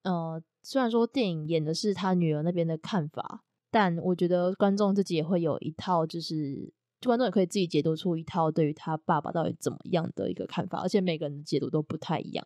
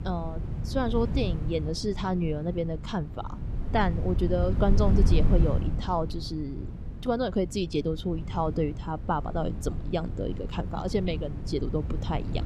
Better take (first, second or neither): first